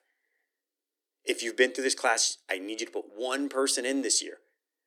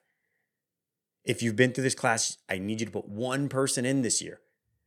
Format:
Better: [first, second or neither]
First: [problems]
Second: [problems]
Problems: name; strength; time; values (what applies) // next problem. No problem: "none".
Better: second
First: thin; very slightly; fading below 300 Hz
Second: none